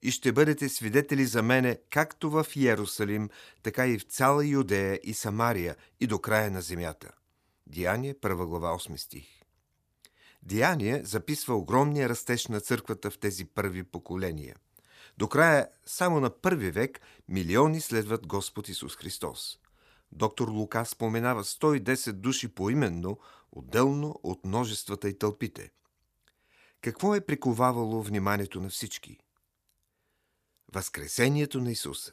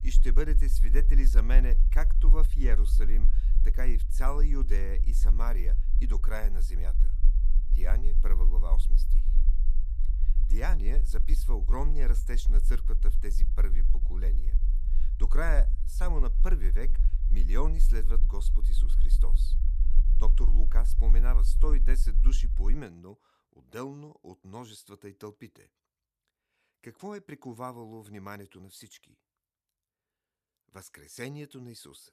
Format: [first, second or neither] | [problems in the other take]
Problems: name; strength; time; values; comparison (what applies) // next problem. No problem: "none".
first | low rumble; noticeable; until 23 s; 15 dB below the speech